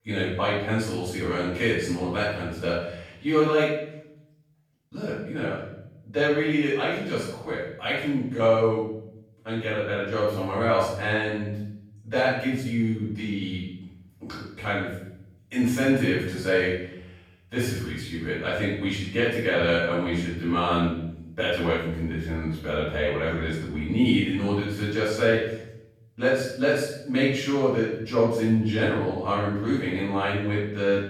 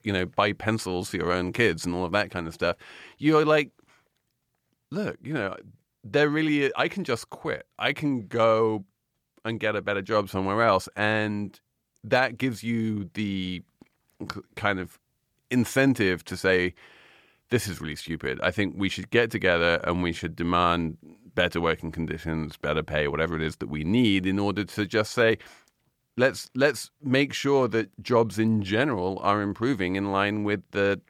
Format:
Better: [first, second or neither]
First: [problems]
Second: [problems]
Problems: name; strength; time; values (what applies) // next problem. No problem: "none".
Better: second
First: room echo; strong; dies away in 0.8 s // off-mic speech; far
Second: none